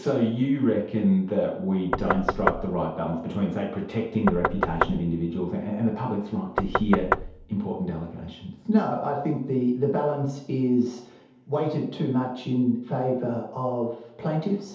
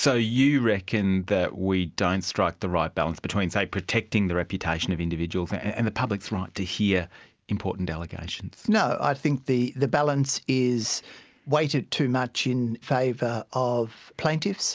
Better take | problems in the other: second | background sound (Knock); 2 dB below the speech // room echo; dies away in 0.8 s

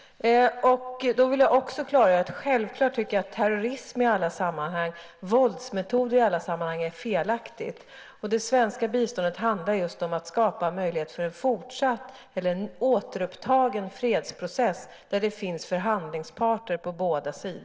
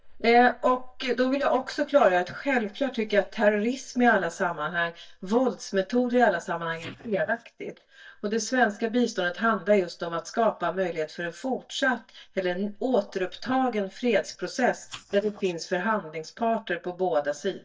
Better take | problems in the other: first | noise reduction (neural mask model DeepFilterNet 3)

